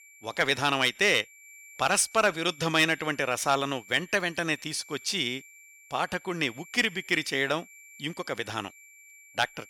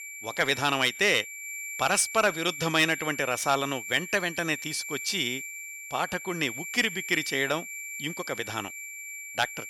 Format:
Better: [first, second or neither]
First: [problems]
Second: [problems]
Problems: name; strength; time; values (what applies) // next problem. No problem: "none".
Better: first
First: high-pitched whine; faint; throughout; 2.5 kHz, 20 dB below the speech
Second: high-pitched whine; loud; throughout; 2.5 kHz, 9 dB below the speech